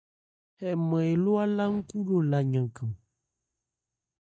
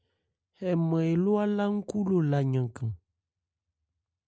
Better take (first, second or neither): second